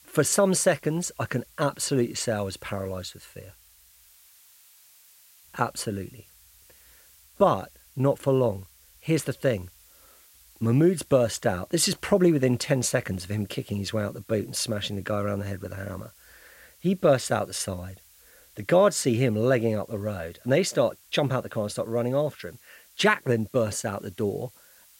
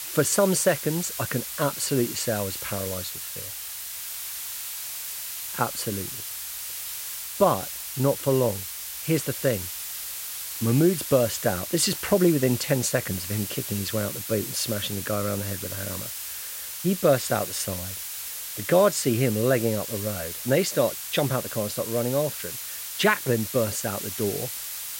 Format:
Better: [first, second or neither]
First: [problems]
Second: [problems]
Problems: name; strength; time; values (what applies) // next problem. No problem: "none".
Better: first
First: hiss; faint; throughout; 25 dB below the speech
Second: hiss; loud; throughout; 6 dB below the speech